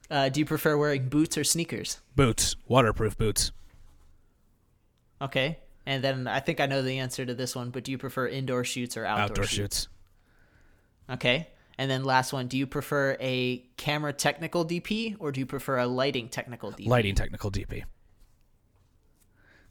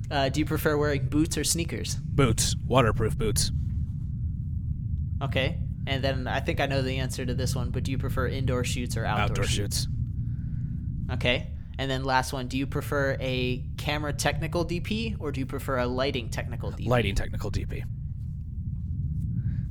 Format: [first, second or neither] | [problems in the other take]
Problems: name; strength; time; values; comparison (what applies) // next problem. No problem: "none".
first | low rumble; noticeable; throughout; 15 dB below the speech